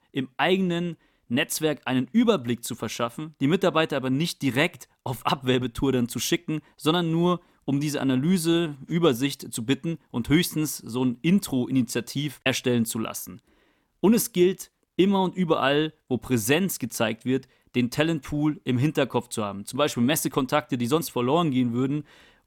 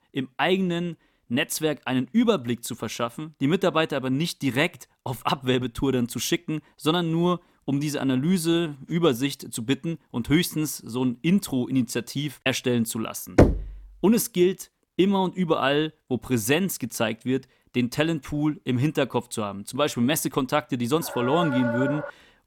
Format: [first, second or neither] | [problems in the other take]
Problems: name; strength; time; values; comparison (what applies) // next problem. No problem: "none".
first | door banging; loud; at 13 s; peak 6 dB above the speech // dog barking; noticeable; from 21 s on; peak 4 dB below the speech